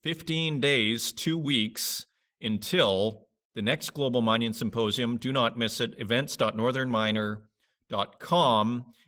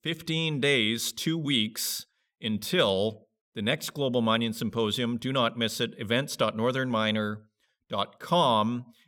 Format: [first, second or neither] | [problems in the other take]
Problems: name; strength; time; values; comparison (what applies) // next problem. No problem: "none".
second | garbled, watery; slightly